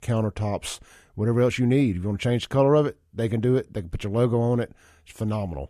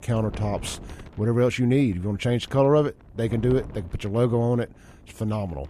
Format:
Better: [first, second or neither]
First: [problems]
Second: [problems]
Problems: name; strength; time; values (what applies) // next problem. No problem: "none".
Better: first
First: none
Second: wind noise on the microphone; occasional gusts; 20 dB below the speech